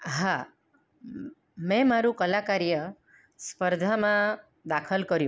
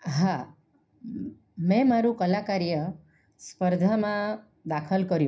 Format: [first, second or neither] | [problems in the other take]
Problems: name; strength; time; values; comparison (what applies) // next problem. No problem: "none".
first | room echo; dies away in 0.4 s